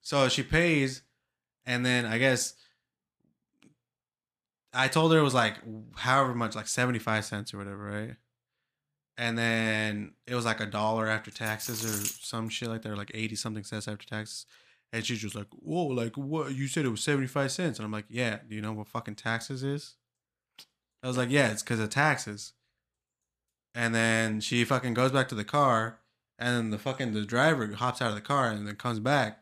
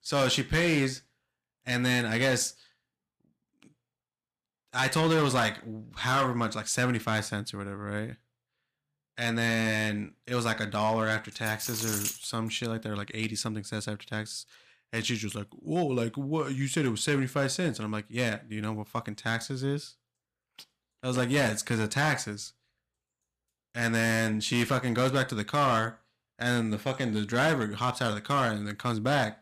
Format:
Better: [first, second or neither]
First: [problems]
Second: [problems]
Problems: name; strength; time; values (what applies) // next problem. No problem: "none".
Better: first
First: none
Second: distortion; slight; 4% of the sound clipped